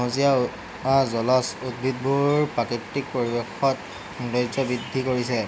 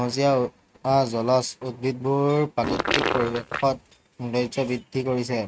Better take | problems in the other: first | noise reduction (neural mask model RNNoise)

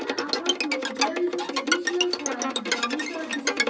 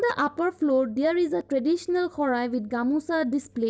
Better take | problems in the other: second | background sound (Bowed string instrument); 3 dB above the speech // room echo; dies away in 0.9 s

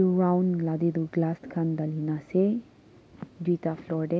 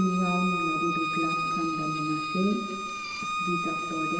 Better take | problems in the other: first | background sound (Bowed string instrument); as loud as the speech // room echo; dies away in 1.3 s

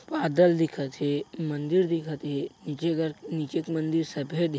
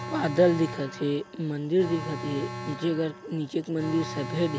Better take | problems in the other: first | background sound (Alarm); 10 dB below the speech

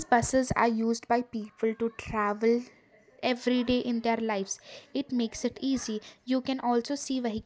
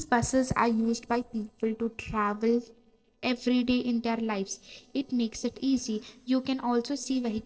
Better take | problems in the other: first | noise reduction (neural separator model SepFormer DNS4)

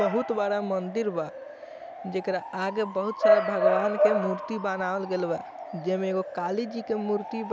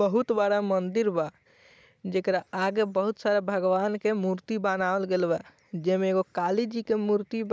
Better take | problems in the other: second | background sound (Bark / Motor vehicle (road) / Siren); 1 dB below the speech

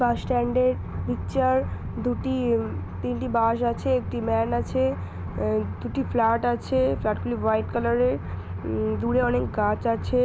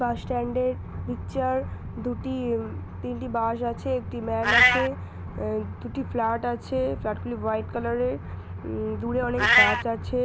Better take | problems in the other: first | background sound (Meow); 2 dB below the speech

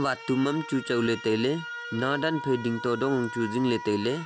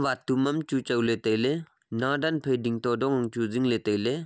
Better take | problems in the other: second | background sound (Alarm); 12 dB below the speech

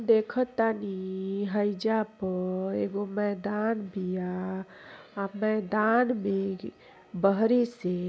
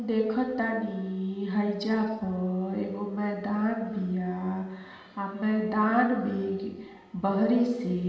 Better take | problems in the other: first | room echo; dies away in 1.1 s

